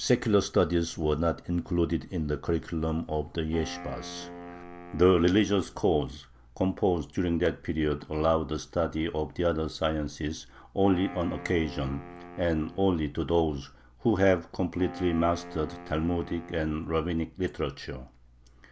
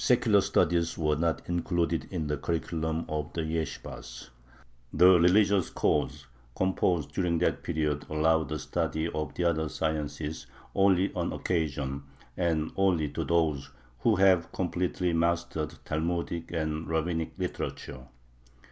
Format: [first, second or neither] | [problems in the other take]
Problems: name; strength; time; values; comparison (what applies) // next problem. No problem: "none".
second | background sound (Wind instrument, woodwind instrument); 17 dB below the speech